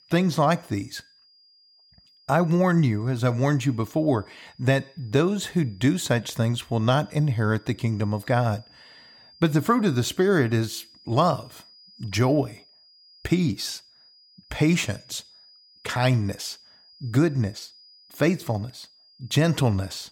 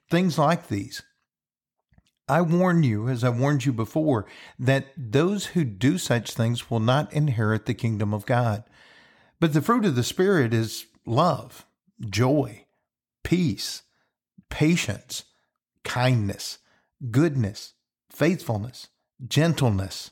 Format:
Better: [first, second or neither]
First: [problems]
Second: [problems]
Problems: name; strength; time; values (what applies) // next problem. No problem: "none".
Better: second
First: high-pitched whine; faint; throughout; 5 kHz, 30 dB below the speech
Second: none